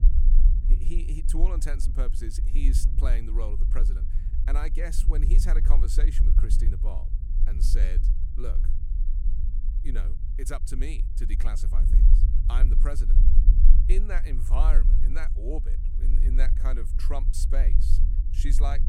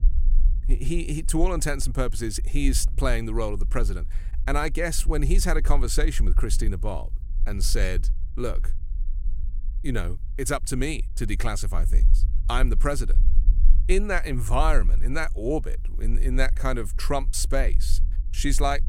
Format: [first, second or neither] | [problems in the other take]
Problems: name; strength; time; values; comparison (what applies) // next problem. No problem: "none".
second | low rumble; loud; throughout; 8 dB below the speech; faint in the second